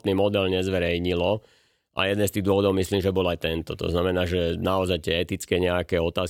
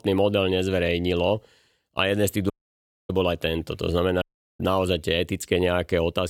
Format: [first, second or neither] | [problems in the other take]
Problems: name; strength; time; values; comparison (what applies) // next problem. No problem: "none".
first | audio cutting out; at 2.5 s for 0.5 s and at 4 s